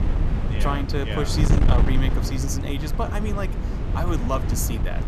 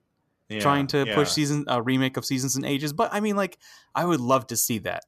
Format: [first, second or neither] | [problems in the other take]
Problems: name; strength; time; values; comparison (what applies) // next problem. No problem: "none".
second | wind noise on the microphone; heavy; 5 dB below the speech